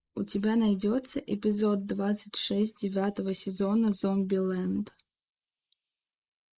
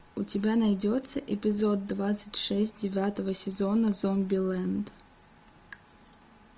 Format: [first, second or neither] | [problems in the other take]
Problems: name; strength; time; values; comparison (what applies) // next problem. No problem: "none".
second | noise reduction (neural mask model Resemble Enhance denoiser)